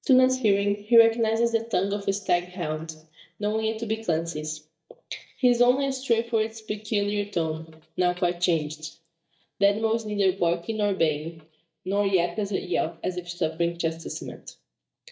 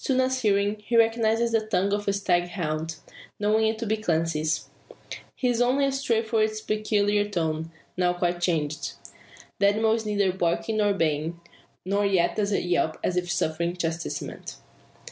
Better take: second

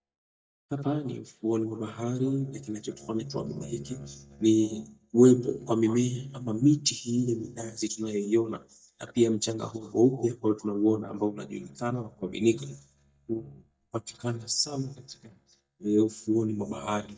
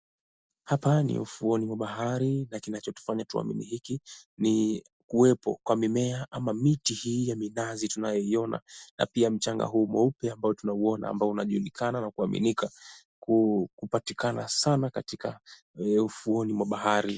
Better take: second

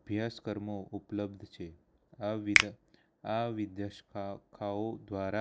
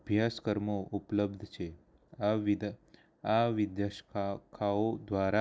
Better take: second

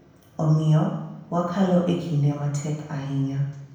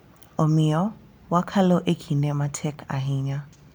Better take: second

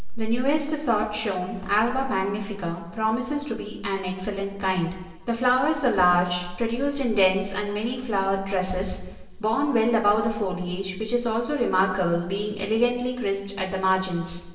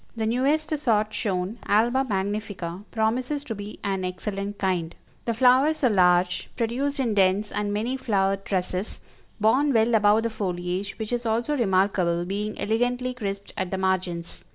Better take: second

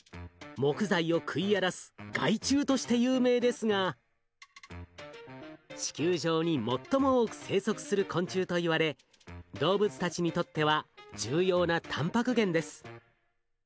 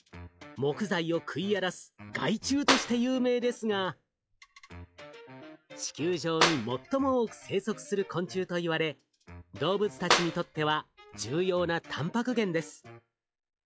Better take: first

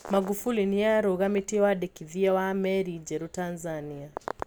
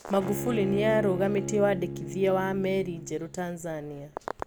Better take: first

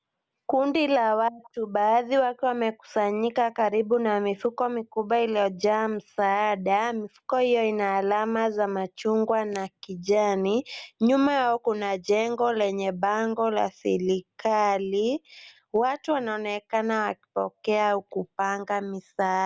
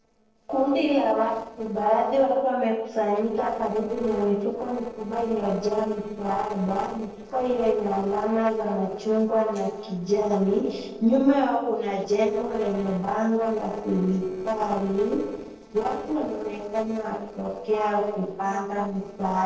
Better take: first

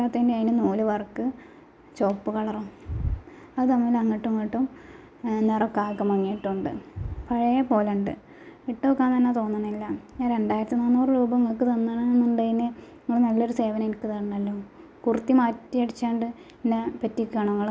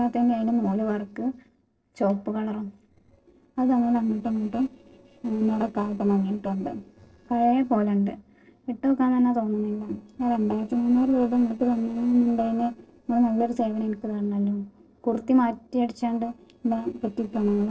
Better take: first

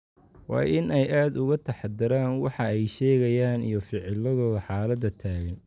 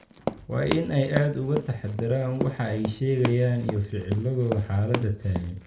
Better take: first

